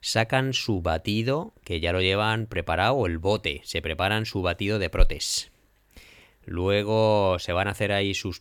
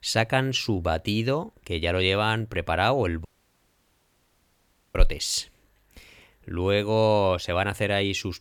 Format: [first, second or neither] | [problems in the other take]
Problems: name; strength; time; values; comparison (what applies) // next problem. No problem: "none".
first | audio cutting out; at 3.5 s for 1.5 s